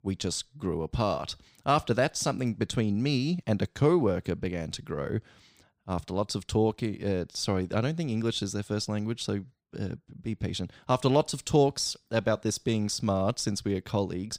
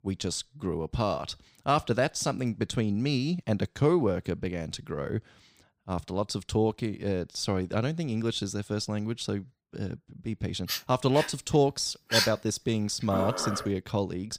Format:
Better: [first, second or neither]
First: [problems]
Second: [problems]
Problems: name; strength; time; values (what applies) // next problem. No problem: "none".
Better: first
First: none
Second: dog barking; loud; from 11 to 14 s; peak 4 dB above the speech